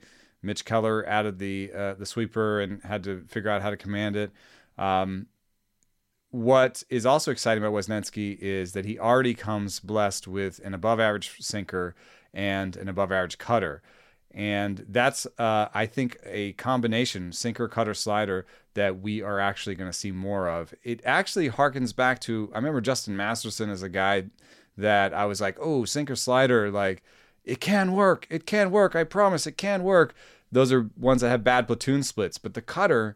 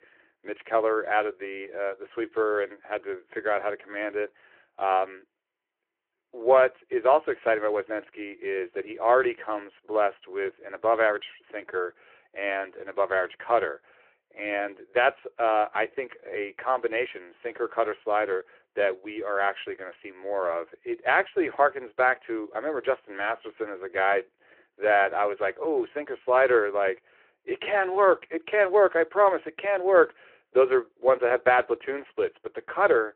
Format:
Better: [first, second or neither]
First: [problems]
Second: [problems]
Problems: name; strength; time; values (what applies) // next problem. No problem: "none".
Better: first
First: none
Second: phone-call audio